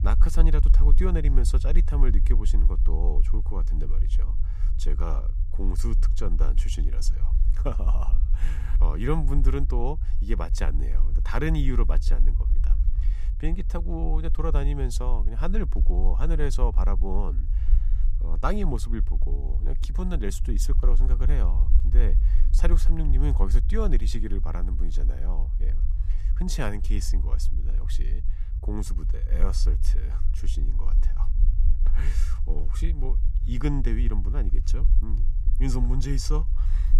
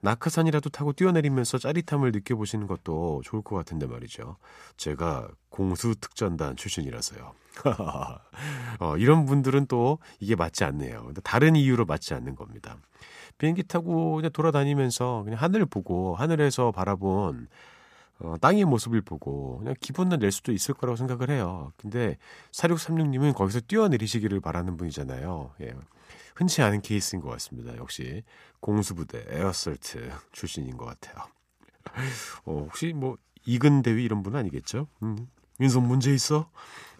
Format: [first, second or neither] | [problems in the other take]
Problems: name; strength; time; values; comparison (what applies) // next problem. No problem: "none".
second | low rumble; noticeable; throughout; 10 dB below the speech